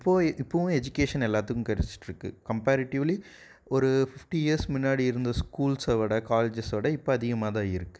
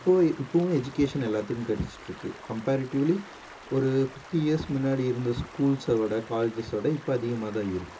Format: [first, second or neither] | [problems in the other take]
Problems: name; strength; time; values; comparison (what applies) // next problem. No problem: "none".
first | background sound (Stream); 19 dB below the speech // room echo; dies away in 0.2 s